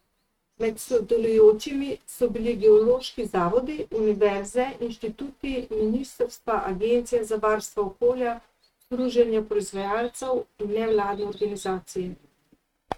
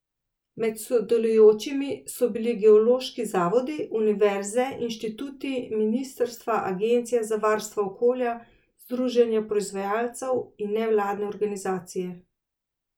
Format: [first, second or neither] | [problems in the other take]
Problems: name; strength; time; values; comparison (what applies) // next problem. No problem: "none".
second | noise reduction (neural mask model RNNoise)